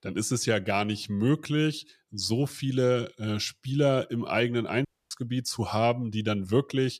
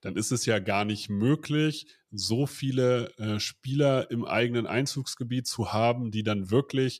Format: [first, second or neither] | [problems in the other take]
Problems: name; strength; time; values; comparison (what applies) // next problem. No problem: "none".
second | audio cutting out; at 5 s